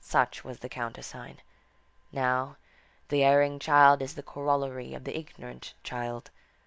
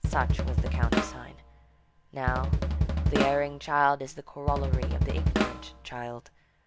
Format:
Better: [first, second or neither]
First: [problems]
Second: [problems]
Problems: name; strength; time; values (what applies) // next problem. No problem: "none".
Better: first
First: none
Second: background sound (Drum kit); 3 dB above the speech